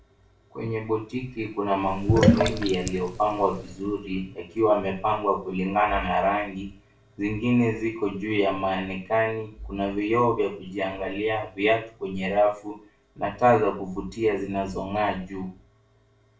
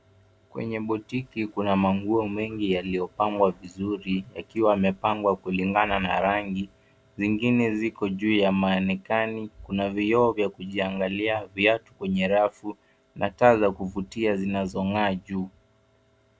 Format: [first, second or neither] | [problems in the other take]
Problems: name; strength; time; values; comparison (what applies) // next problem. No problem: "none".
second | background sound (Sink (filling or washing)); 1 dB above the speech // room echo; dies away in 0.3 s